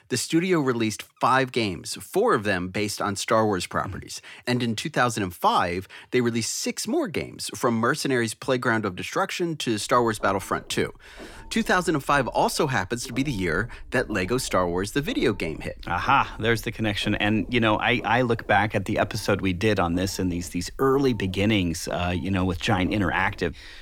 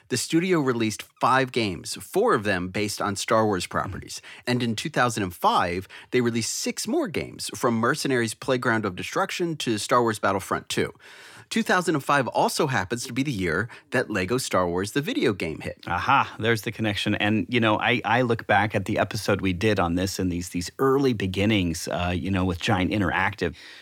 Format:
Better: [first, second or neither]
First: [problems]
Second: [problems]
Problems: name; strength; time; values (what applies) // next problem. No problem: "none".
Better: second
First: low rumble; faint; from 10 s on; 25 dB below the speech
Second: none